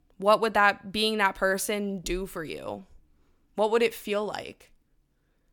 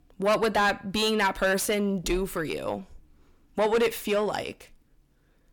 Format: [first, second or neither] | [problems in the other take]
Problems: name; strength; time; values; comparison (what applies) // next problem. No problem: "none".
first | distortion; heavy; 6 dB below the speech